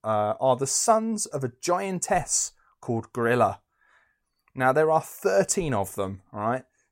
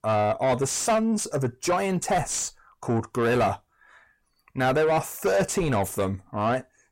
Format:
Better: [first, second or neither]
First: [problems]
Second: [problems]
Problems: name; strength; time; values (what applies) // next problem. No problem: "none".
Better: first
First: none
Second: distortion; heavy; 7 dB below the speech